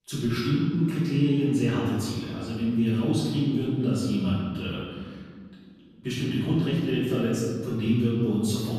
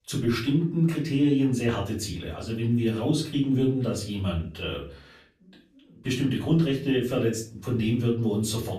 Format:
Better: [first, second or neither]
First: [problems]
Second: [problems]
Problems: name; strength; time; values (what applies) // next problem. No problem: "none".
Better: second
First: room echo; strong; dies away in 1.8 s // off-mic speech; far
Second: room echo; slight; dies away in 0.4 s // off-mic speech; far